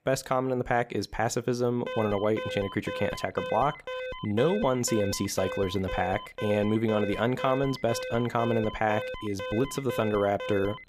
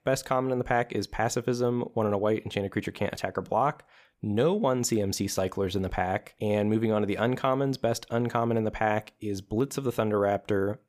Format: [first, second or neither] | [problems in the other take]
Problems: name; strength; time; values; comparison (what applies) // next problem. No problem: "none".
second | alarm; noticeable; from 2 s on; peak 7 dB below the speech